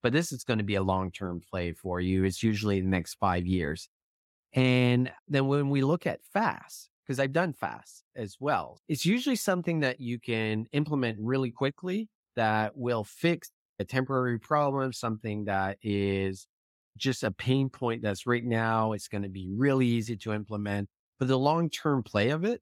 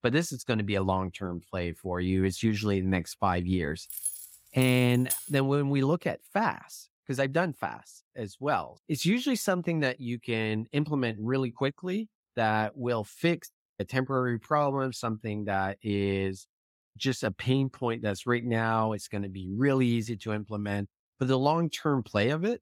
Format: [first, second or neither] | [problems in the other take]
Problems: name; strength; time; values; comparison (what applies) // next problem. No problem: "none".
first | jangling keys; noticeable; from 4 to 5.5 s; peak 3 dB below the speech